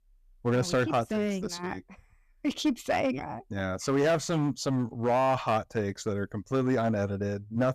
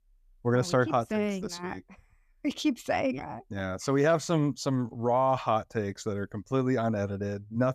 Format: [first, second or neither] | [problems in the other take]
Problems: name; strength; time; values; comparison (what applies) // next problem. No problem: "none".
second | distortion; slight; 6% of the sound clipped